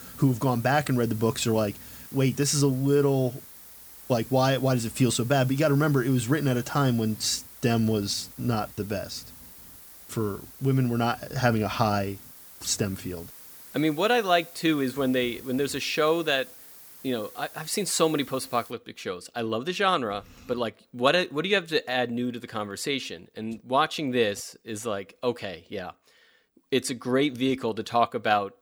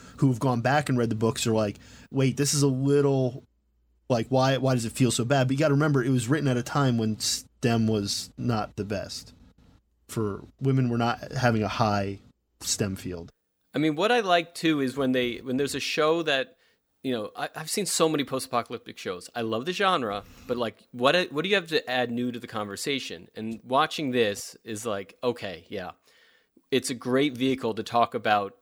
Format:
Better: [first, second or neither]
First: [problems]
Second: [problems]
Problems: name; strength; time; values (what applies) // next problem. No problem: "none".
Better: second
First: hiss; noticeable; until 19 s; 15 dB below the speech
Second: none